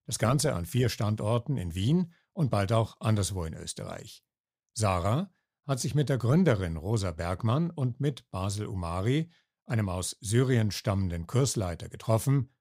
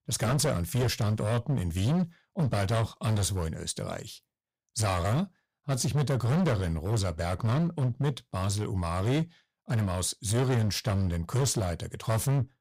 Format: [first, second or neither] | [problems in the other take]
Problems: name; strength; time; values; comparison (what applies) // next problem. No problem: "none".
first | distortion; heavy; 15% of the sound clipped